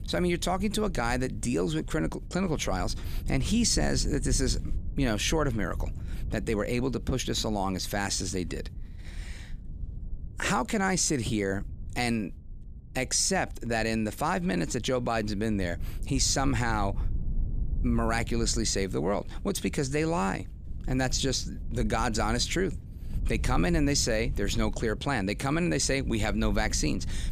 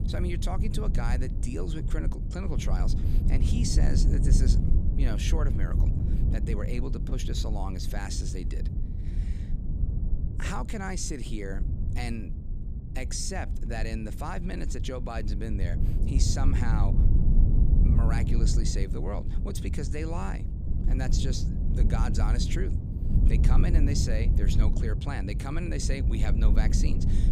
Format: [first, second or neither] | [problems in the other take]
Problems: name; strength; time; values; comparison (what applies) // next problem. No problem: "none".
first | low rumble; loud; throughout; 5 dB below the speech; faint in the first